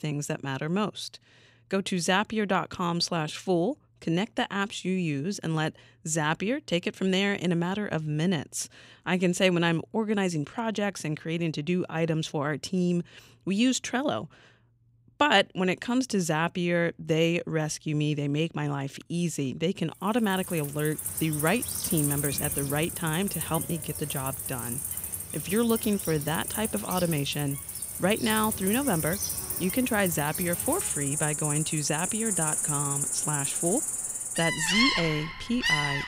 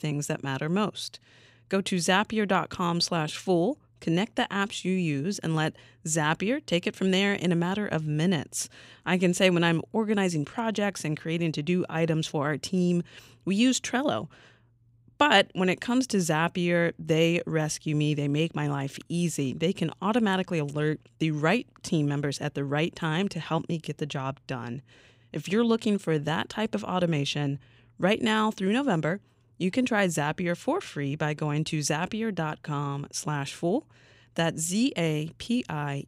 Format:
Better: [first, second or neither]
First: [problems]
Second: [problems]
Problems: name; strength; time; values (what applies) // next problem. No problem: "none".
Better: second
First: animal sounds; loud; from 21 s on; 1 dB below the speech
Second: none